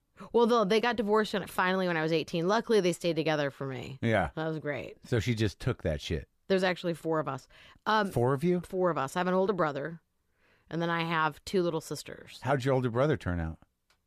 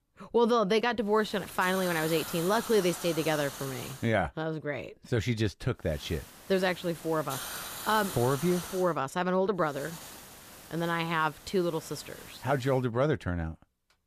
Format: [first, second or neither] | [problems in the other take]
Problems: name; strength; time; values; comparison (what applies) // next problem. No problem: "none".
first | hiss; noticeable; from 1 to 4 s, from 6 to 9 s and from 9.5 to 13 s; 10 dB below the speech